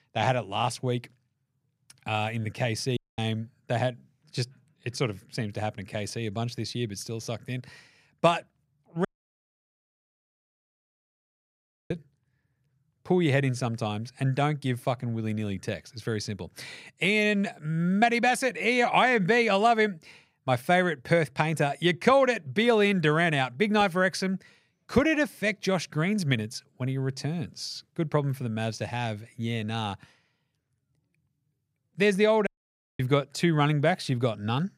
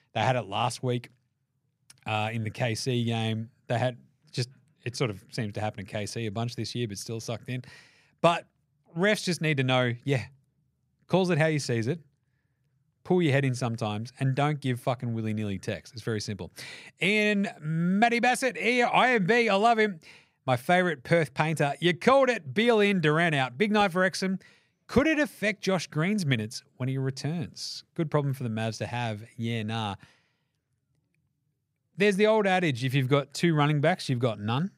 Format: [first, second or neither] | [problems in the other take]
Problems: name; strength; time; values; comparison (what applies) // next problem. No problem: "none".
second | audio cutting out; at 3 s, at 9 s for 3 s and at 32 s for 0.5 s